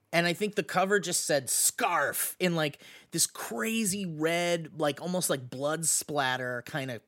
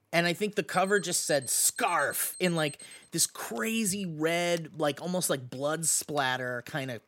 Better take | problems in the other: first | alarms or sirens; noticeable; throughout; 20 dB below the speech

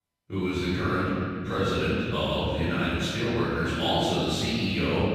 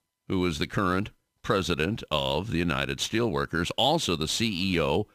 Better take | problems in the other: second | off-mic speech; far // room echo; strong; dies away in 2.8 s

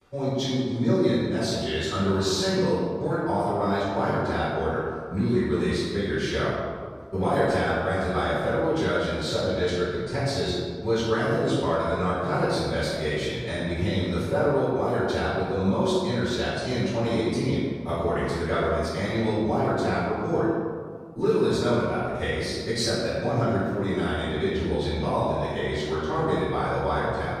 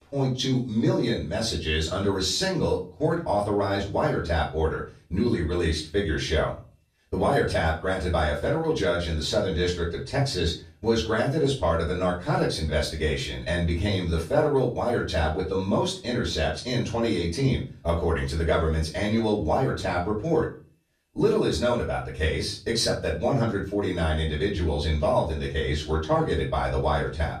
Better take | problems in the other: second | room echo; strong; dies away in 1.6 s; slight in the second // off-mic speech; far; far in the second

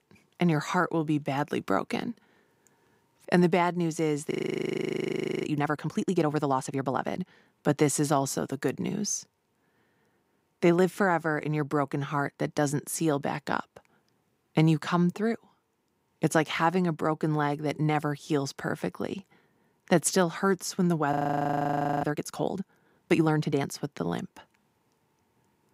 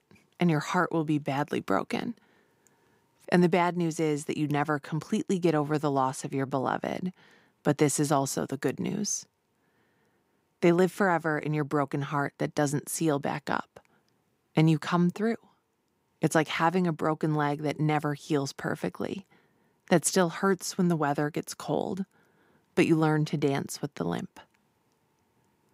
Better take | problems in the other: second | audio freezing; at 4.5 s for 1 s and at 21 s for 1 s

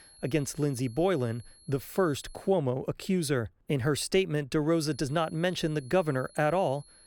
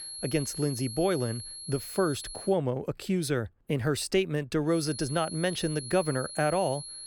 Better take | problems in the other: first | high-pitched whine; loud; until 2.5 s and from 4.5 s on; 4.5 kHz, 9 dB below the speech; faint in the first

